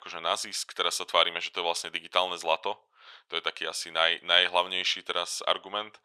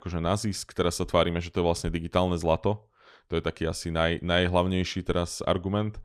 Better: second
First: thin; very; fading below 900 Hz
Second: none

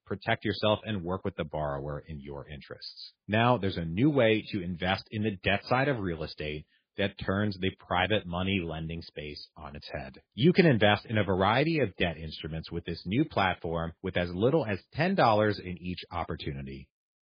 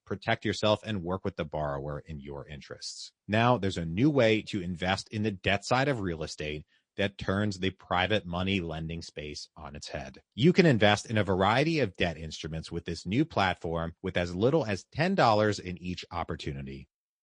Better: second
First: garbled, watery; badly; nothing above 5 kHz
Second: garbled, watery; slightly; nothing above 8.5 kHz

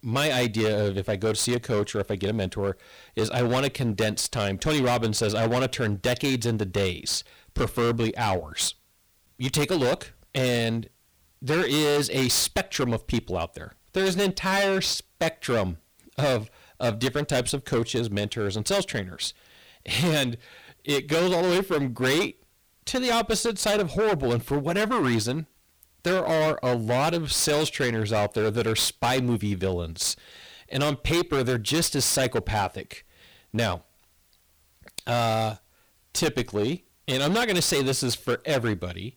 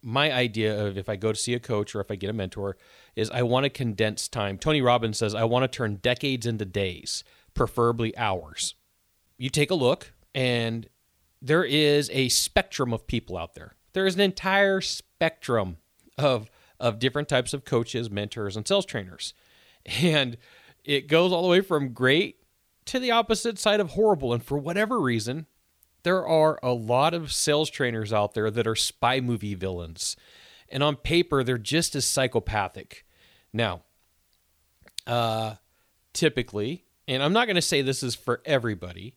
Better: second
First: distortion; heavy; 17% of the sound clipped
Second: none

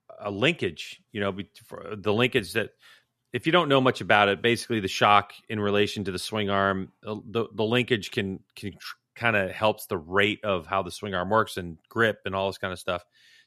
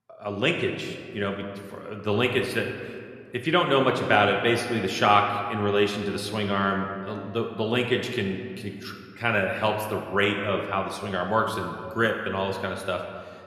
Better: first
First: none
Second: room echo; slight; dies away in 1.5 s

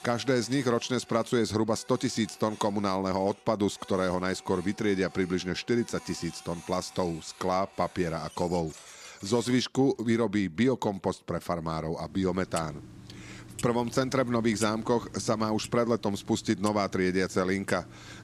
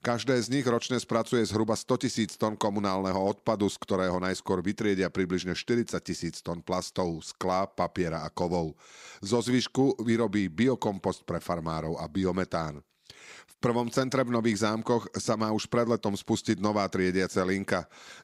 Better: second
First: household noises; noticeable; throughout; 20 dB below the speech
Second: none

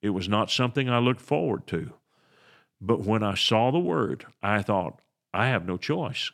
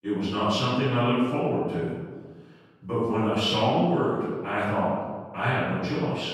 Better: first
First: none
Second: off-mic speech; far // room echo; strong; dies away in 1.3 s

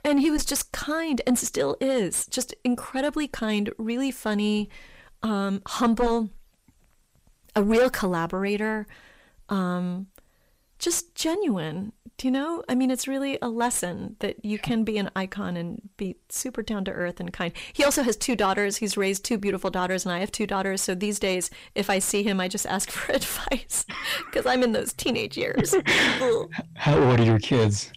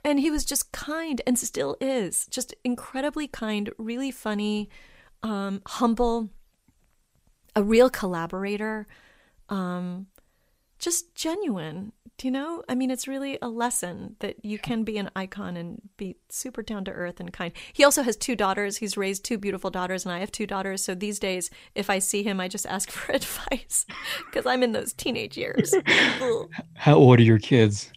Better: second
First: distortion; heavy; 6 dB below the speech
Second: none

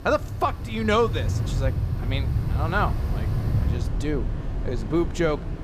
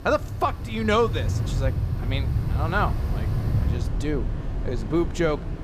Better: neither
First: wind in the background; loud; throughout; 1 dB below the speech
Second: wind in the background; loud; throughout; 1 dB below the speech

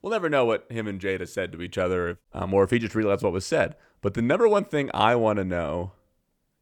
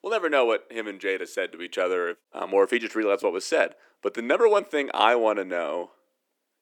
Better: first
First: none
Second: thin; somewhat; fading below 300 Hz

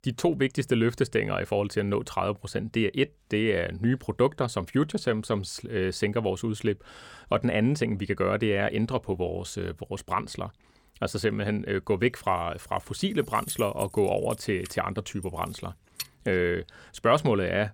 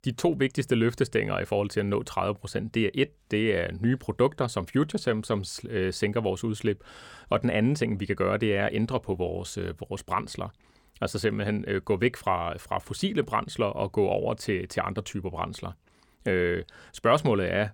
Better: second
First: jangling keys; noticeable; from 13 to 16 s; peak 8 dB below the speech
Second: none

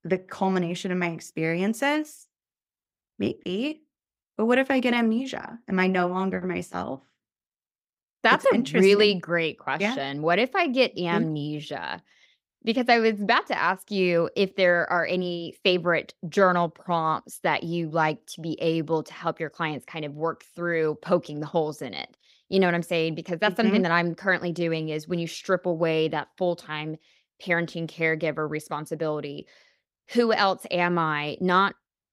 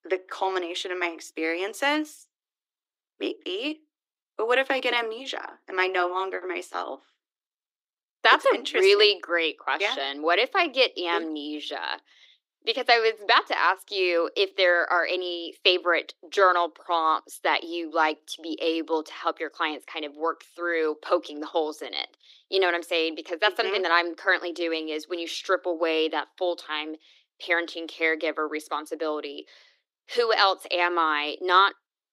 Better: first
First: none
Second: thin; very; fading below 300 Hz

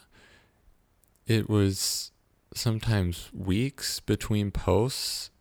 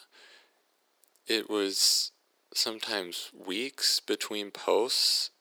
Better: first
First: none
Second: thin; very; fading below 350 Hz

